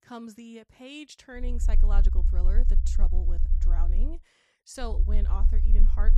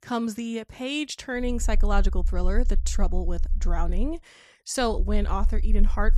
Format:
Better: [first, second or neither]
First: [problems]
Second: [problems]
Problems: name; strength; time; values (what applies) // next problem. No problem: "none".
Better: second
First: low rumble; loud; from 1.5 to 4 s and from 5 s on; 7 dB below the speech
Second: low rumble; faint; from 1.5 to 4 s and from 5 s on; 20 dB below the speech